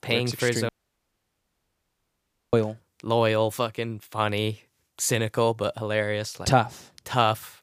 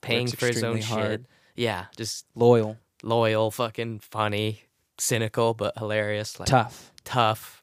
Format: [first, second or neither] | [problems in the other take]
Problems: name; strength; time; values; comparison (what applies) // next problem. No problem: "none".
second | audio cutting out; at 0.5 s for 2 s